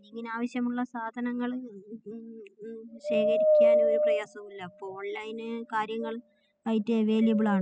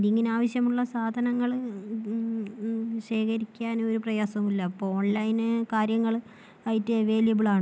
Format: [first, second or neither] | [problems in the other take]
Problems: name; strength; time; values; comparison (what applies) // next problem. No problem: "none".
second | noise reduction (classical method spectral subtraction)